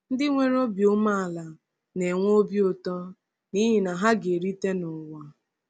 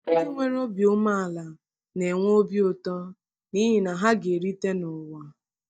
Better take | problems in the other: first | noise reduction (neural mask model DeepFilterNet 3)

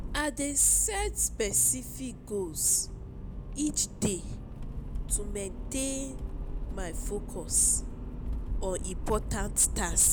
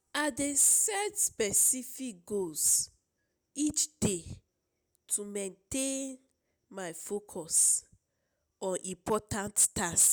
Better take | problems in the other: second | background sound (Accelerating, revving, vroom); 5 dB below the speech

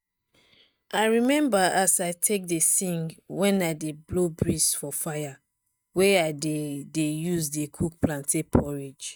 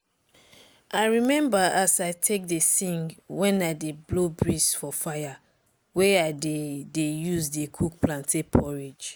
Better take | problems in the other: second | noise reduction (neural mask model DeepFilterNet 3)

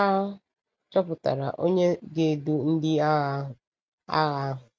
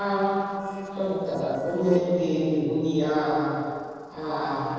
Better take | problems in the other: first | noise reduction (neural separator model SepFormer DNS4)

